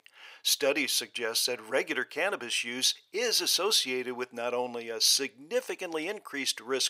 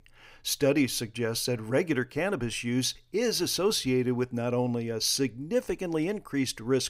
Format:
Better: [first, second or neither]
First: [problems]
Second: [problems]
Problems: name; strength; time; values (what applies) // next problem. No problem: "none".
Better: second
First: thin; somewhat; fading below 600 Hz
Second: none